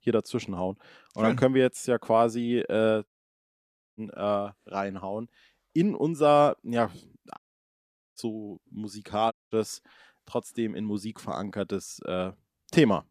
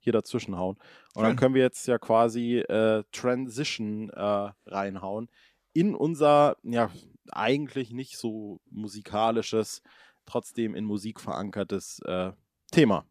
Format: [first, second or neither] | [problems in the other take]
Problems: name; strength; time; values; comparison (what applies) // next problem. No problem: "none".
second | audio cutting out; at 3 s for 1 s, at 7.5 s for 1 s and at 9.5 s